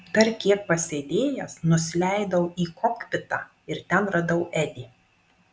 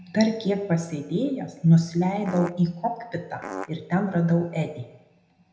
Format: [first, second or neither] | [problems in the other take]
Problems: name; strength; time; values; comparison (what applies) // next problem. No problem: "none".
first | background sound (Fart); 9 dB below the speech // room echo; dies away in 0.8 s